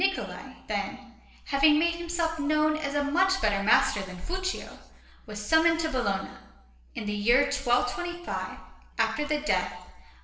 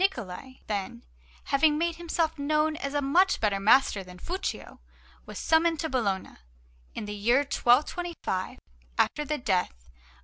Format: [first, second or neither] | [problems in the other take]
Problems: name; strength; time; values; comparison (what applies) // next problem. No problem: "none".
second | room echo; dies away in 0.8 s